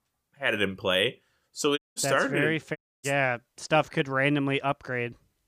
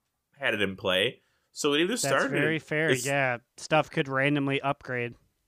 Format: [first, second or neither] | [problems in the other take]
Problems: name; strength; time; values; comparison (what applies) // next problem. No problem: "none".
second | audio cutting out; at 2 s and at 3 s